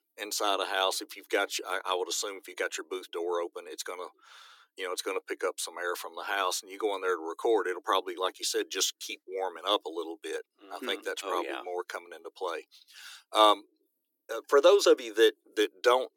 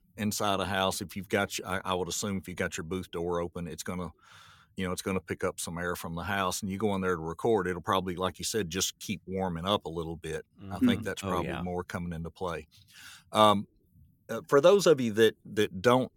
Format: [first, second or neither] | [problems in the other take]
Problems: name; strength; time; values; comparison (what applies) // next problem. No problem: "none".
second | thin; very; fading below 300 Hz